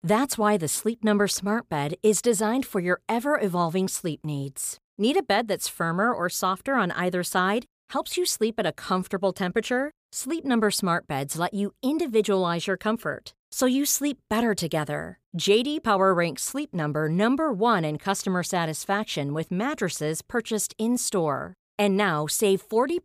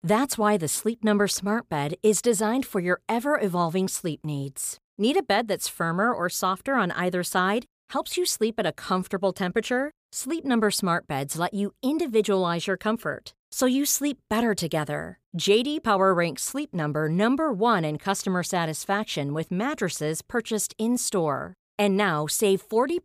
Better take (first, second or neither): neither